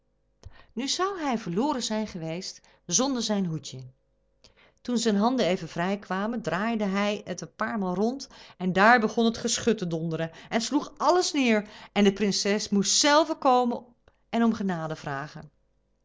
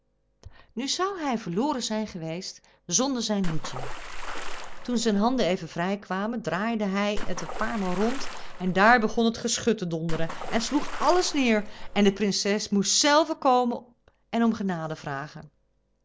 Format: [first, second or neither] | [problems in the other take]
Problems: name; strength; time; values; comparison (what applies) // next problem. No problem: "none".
first | background sound (Water / Splash, splatter); 3 dB below the speech